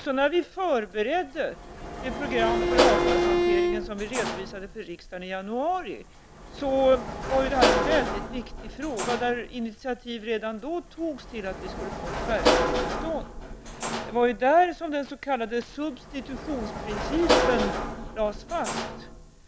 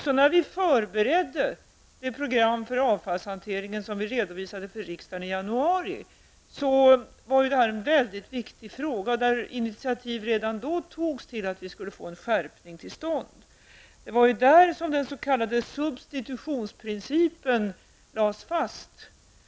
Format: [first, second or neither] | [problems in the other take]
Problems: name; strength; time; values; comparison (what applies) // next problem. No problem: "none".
second | background sound (Sliding door / Slam + Bowed string instrument); as loud as the speech